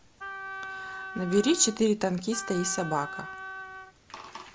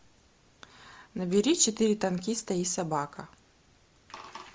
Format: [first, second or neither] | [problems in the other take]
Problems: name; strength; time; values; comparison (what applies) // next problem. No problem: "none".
second | background sound (Wind instrument, woodwind instrument); 10 dB below the speech